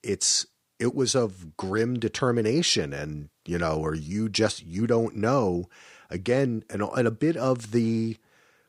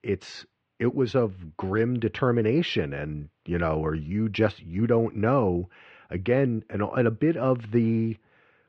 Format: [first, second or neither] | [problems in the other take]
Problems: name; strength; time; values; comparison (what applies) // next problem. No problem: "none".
first | muffled; very; fading above 3 kHz